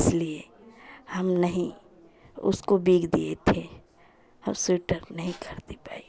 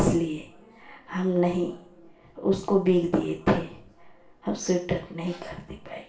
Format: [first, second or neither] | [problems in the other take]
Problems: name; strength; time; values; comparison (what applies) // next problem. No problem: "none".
first | room echo; dies away in 0.5 s